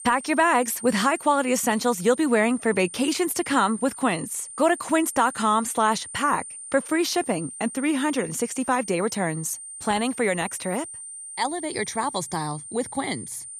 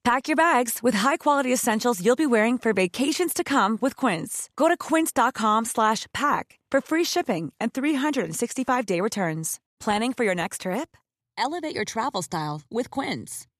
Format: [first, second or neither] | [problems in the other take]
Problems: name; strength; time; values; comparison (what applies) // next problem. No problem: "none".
second | high-pitched whine; noticeable; throughout; 9 kHz, 10 dB below the speech